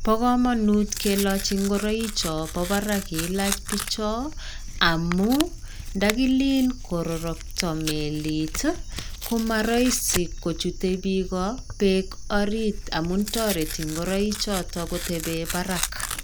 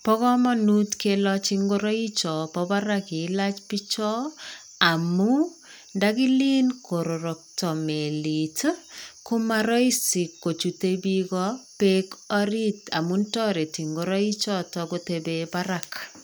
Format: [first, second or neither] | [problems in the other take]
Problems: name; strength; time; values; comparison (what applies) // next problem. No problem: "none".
second | background sound (Tearing); 7 dB below the speech